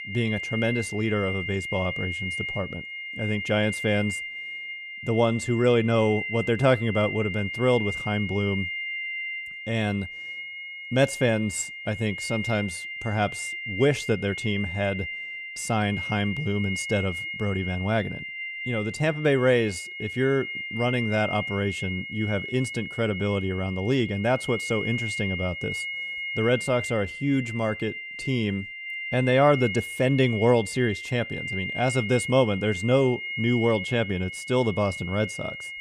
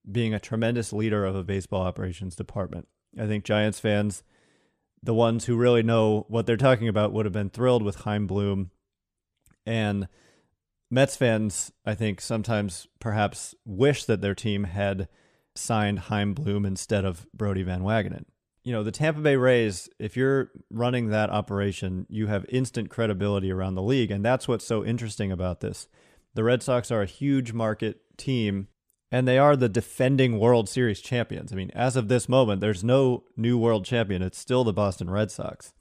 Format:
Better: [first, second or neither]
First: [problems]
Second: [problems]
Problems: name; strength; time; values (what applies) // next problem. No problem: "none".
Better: second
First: high-pitched whine; loud; throughout; 2 kHz, 6 dB below the speech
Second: none